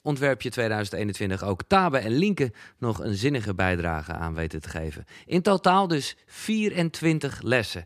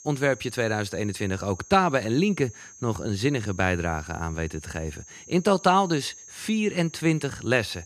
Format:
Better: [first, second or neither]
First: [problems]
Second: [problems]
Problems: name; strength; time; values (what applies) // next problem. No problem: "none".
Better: first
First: none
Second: high-pitched whine; noticeable; throughout; 6.5 kHz, 20 dB below the speech